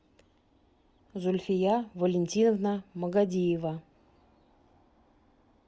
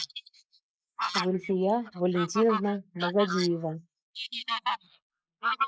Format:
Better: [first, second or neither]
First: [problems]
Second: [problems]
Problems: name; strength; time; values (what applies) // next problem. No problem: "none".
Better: first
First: none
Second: noise reduction (neural mask model Resemble Enhance denoiser)